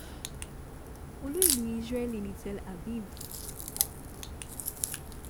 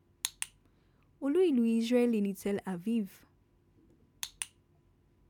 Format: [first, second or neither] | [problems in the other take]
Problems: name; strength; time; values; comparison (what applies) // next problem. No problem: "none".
second | background sound (Crack); 3 dB above the speech